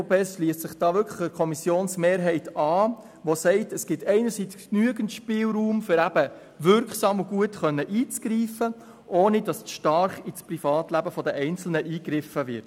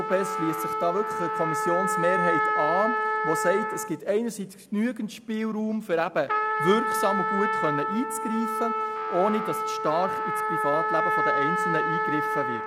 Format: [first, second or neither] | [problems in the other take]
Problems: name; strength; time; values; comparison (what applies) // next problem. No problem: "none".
first | background sound (Trumpet); 1 dB above the speech